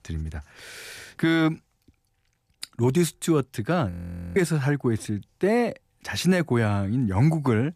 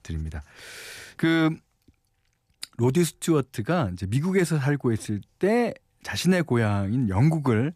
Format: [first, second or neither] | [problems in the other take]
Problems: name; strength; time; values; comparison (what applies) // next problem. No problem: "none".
second | audio freezing; at 4 s